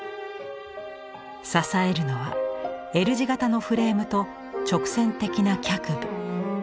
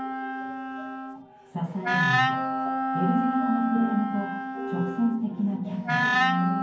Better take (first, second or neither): first